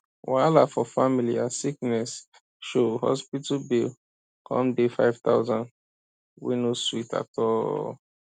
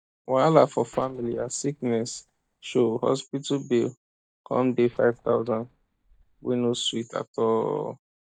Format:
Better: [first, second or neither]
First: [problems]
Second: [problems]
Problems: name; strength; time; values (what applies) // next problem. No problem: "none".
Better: first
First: none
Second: noise reduction (neural mask model DeepFilterNet 3)